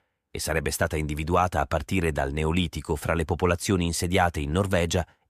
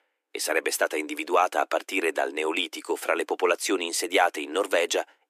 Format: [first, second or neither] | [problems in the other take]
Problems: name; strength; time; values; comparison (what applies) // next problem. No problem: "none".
first | thin; very; fading below 300 Hz